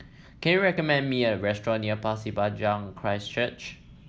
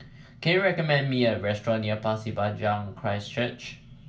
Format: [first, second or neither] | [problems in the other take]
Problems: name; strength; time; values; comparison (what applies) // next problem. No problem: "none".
first | room echo; dies away in 0.2 s